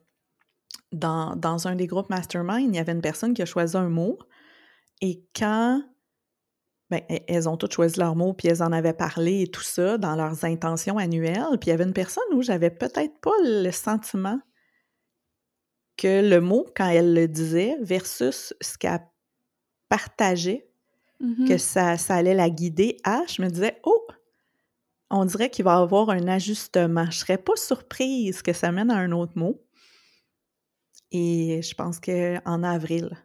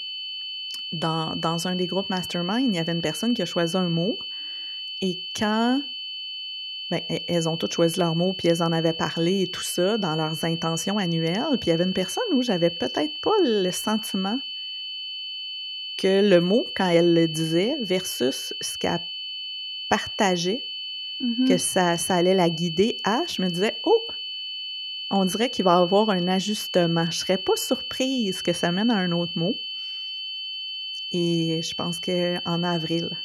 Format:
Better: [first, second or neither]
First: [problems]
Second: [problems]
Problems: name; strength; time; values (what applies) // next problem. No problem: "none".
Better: first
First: none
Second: high-pitched whine; loud; throughout; 3 kHz, 6 dB below the speech